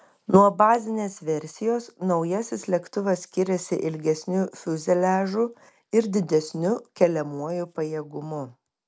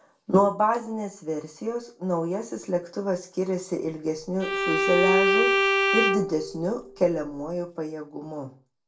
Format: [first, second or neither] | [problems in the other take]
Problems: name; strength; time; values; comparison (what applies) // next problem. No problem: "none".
first | background sound (Bowed string instrument); 3 dB above the speech // room echo; dies away in 0.2 s